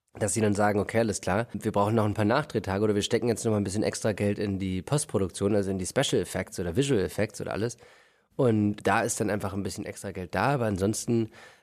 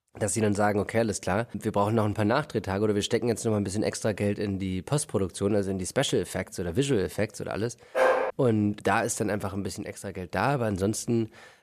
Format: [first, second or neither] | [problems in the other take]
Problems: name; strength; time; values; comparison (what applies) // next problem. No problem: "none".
first | dog barking; loud; at 8 s; peak 4 dB above the speech